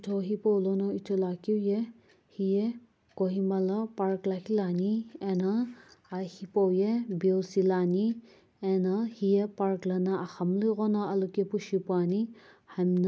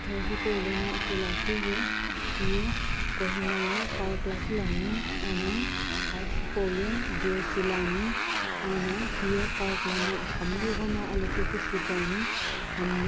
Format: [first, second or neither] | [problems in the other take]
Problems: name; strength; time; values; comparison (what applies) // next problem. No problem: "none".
first | background sound (Motorcycle); 2 dB above the speech